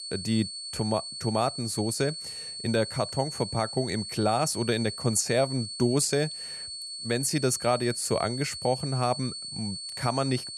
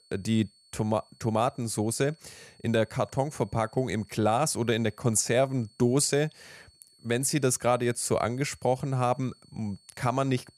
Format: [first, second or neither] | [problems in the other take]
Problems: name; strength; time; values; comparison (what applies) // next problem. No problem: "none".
second | high-pitched whine; loud; throughout; 4.5 kHz, 7 dB below the speech; faint in the second